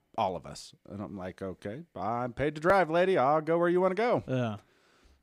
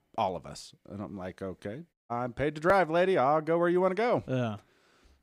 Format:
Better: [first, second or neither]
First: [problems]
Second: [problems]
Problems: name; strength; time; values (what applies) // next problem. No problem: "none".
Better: first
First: none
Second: audio cutting out; at 2 s